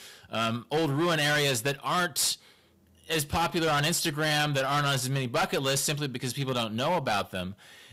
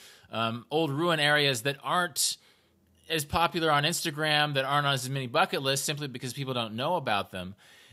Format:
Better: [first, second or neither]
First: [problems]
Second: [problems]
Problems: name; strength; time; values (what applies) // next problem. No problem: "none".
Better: second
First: distortion; heavy; 13% of the sound clipped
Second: none